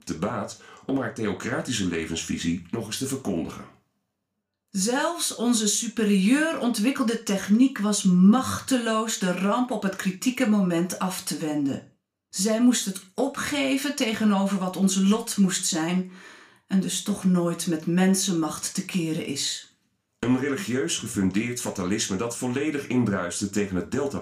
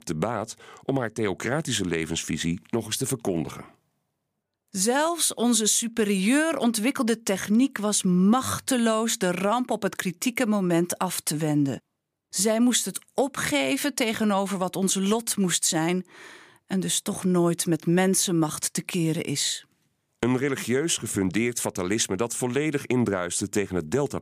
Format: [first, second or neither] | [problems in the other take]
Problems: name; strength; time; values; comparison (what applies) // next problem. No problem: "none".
second | room echo; very slight; dies away in 0.3 s // off-mic speech; somewhat distant